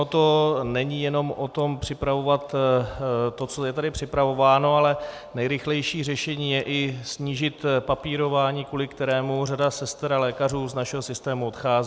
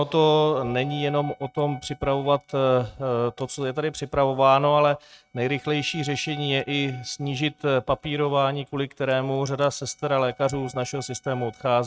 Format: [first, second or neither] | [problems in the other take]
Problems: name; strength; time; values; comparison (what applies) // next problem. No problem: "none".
first | noise reduction (neural mask model RNNoise)